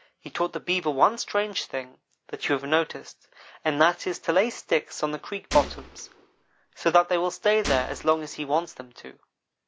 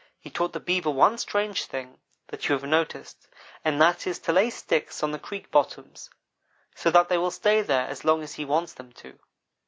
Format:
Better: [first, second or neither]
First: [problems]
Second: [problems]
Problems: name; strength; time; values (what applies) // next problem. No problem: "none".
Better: second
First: background sound (Gunshot, gunfire); 10 dB below the speech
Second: none